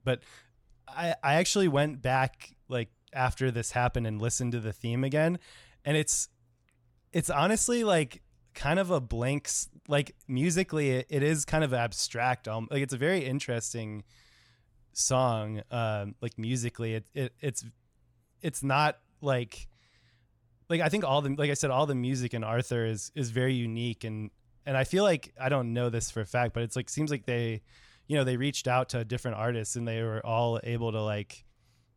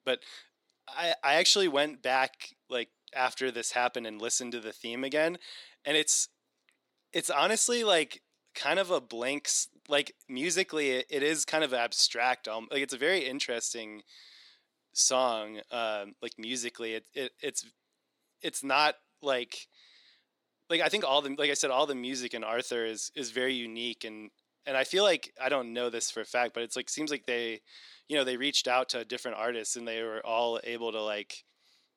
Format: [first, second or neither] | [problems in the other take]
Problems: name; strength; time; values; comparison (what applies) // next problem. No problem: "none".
first | thin; somewhat; fading below 300 Hz